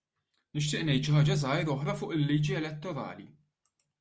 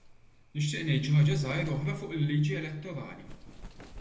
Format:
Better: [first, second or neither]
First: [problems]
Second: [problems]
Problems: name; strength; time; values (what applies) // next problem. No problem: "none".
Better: first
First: none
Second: background sound (Wind); 17 dB below the speech // room echo; dies away in 0.7 s